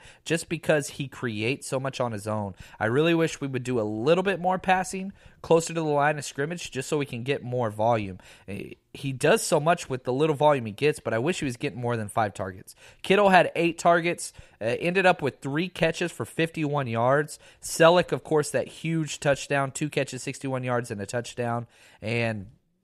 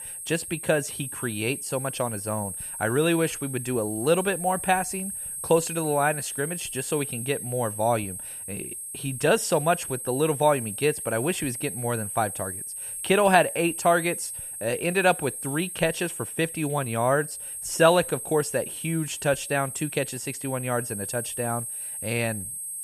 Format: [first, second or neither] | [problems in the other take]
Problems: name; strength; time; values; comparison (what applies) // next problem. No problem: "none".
first | high-pitched whine; loud; throughout; 8.5 kHz, 6 dB below the speech